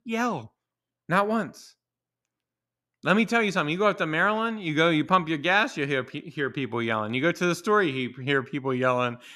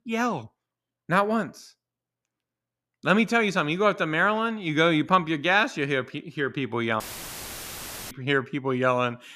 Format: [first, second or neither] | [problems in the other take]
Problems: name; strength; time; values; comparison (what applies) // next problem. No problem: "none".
first | audio cutting out; filled with static; at 7 s for 1 s